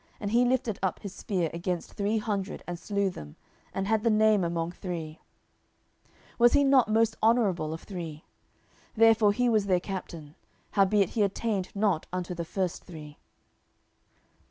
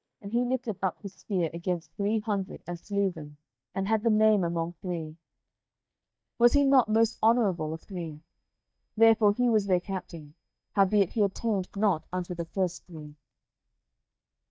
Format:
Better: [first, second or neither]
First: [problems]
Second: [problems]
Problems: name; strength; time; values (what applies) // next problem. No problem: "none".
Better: first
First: none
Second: noise reduction (neural mask model DeepFilterNet 3)